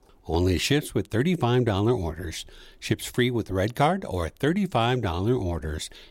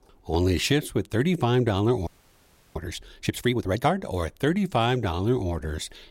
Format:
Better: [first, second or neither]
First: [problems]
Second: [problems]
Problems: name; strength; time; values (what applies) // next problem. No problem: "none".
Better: first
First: none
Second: audio freezing; at 2 s for 0.5 s